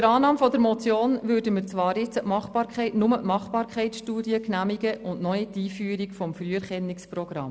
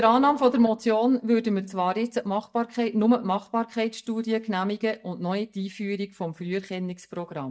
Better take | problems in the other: first | noise reduction (neural mask model DeepFilterNet 3)

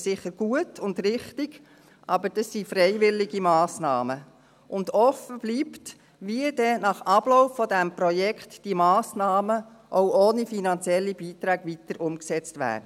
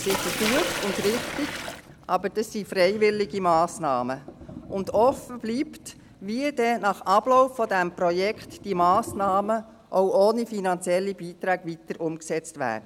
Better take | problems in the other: first | background sound (Sink (filling or washing)); 12 dB below the speech

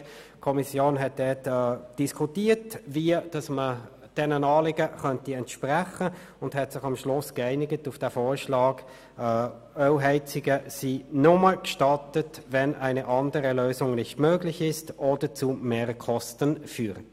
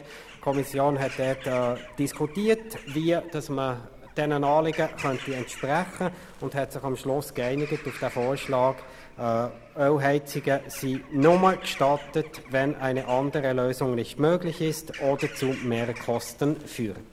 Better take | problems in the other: first | background sound (Bird vocalization, bird call, bird song / Crow); 17 dB below the speech

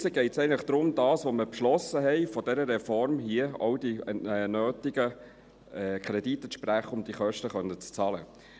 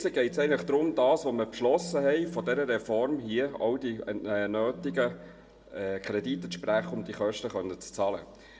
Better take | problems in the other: first | background sound (Telephone); 15 dB below the speech // room echo; dies away in 1.1 s

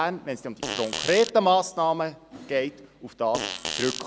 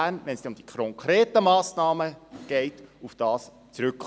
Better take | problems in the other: second | background sound (Fart); 5 dB below the speech

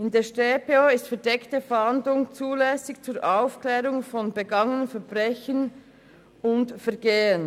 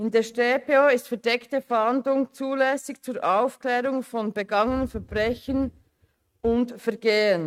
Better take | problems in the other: first | noise reduction (neural mask model RNNoise)

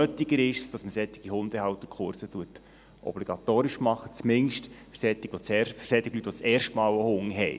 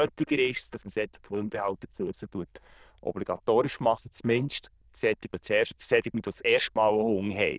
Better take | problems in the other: first | noise reduction (neural diffusion model UNIVERSE++)

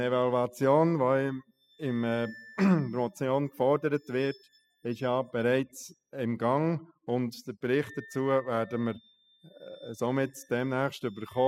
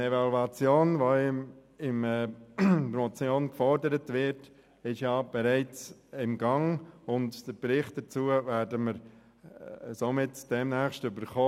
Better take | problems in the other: second | noise reduction (classical method spectral subtraction)

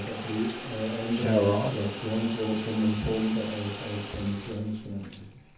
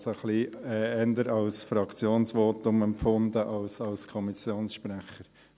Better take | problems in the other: second | background sound (Bathtub (filling or washing) / Water tap, faucet); 3 dB below the speech // room echo; dies away in 0.6 s

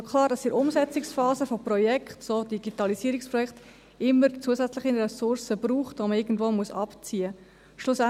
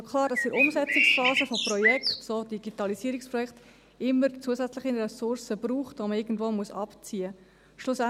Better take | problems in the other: first | background sound (Bird); 4 dB above the speech

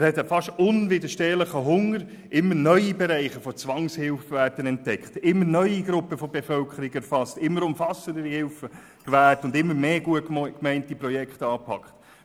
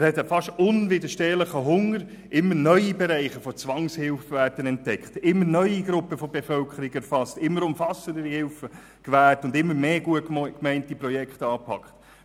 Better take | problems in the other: second | noise reduction (neural mask model Resemble Enhance denoiser)

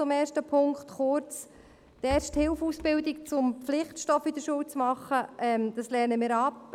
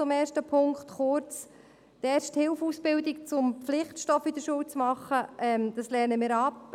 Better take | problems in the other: second | background sound (Rattle / Breathing); 16 dB below the speech

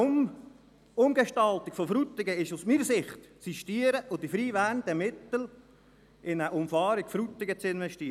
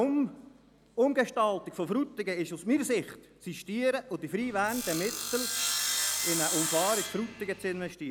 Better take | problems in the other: first | background sound (Sawing); 2 dB below the speech

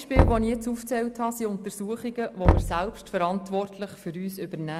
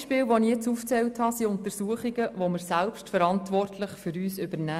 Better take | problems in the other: second | background sound (Knock); as loud as the speech

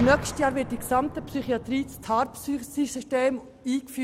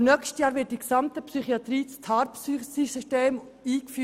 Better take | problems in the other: second | background sound (Boom); 12 dB below the speech

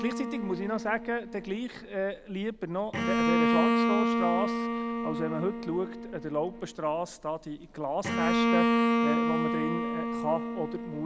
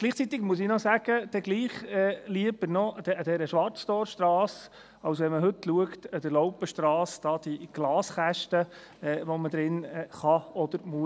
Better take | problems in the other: second | background sound (Bowed string instrument); 4 dB above the speech

